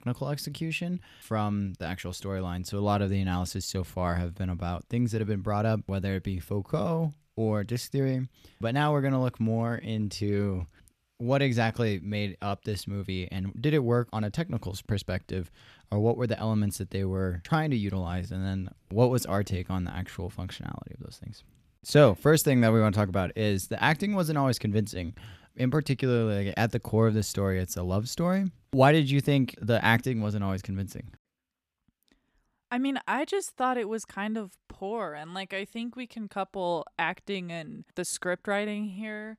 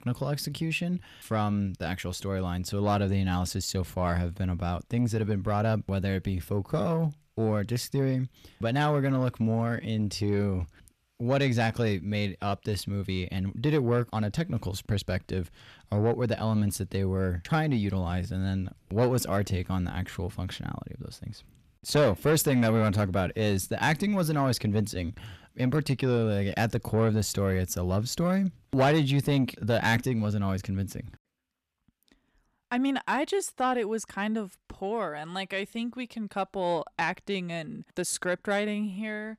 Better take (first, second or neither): first